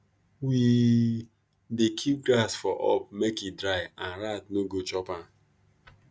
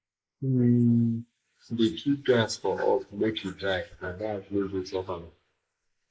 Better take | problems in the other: first | noise reduction (neural mask model Resemble Enhance denoiser)

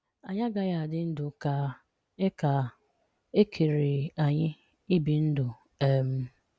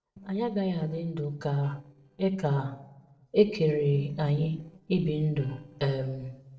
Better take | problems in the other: first | noise reduction (neural separator model SepFormer DNS4)

